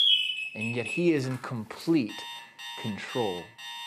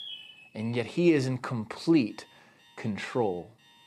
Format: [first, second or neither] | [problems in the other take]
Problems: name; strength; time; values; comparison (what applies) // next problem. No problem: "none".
second | alarms or sirens; loud; throughout; 1 dB below the speech; faint in the second